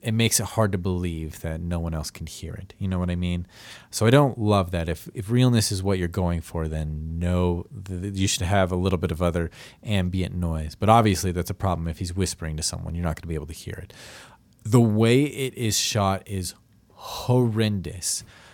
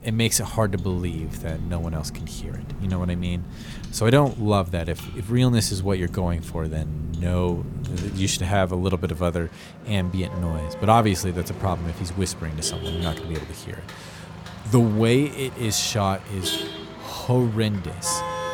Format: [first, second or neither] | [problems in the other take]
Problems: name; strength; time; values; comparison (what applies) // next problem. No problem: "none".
first | traffic noise; noticeable; throughout; 10 dB below the speech